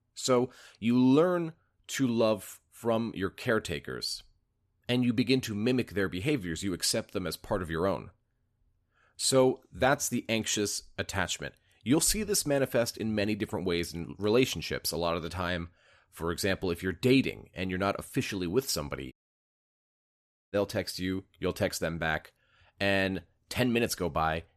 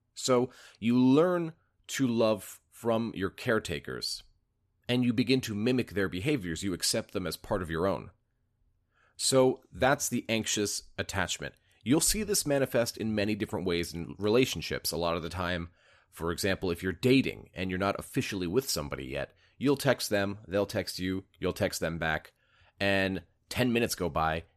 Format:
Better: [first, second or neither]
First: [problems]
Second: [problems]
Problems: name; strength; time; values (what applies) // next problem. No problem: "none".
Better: second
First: audio cutting out; at 19 s for 1.5 s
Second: none